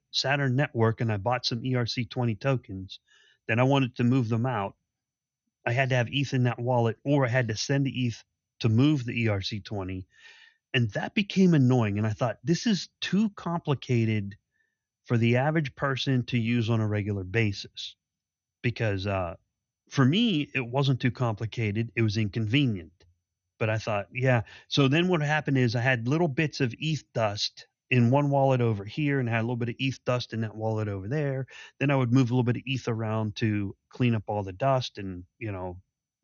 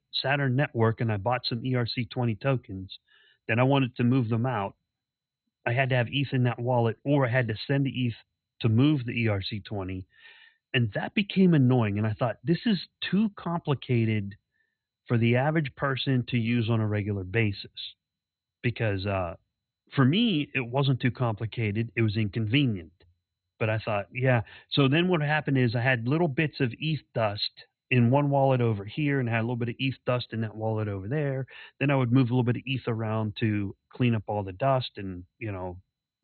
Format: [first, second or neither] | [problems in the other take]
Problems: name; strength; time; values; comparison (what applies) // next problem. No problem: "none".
first | garbled, watery; badly; nothing above 4 kHz; slightly in the first